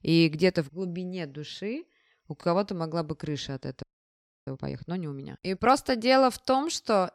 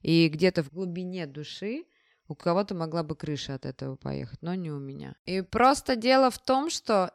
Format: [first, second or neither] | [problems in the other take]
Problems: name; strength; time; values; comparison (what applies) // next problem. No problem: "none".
second | audio freezing; at 4 s for 0.5 s